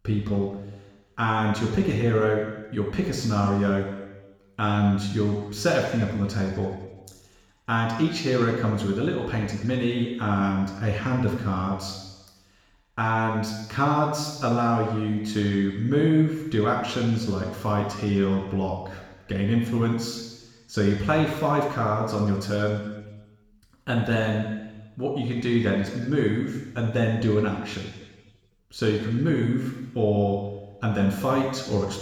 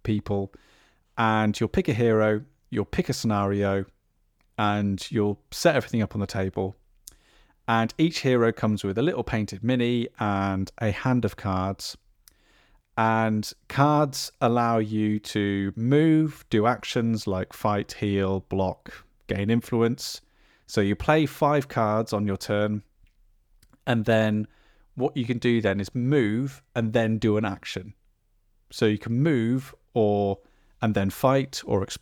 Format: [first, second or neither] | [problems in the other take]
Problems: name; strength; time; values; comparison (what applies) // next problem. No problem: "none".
second | room echo; noticeable; dies away in 1.1 s // off-mic speech; somewhat distant